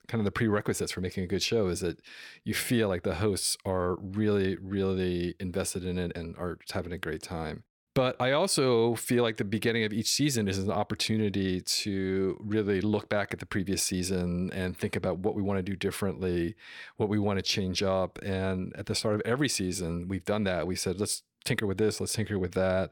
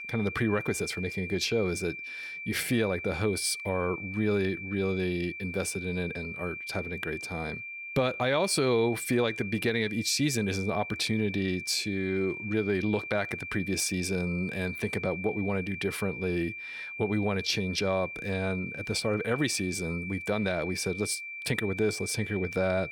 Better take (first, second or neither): first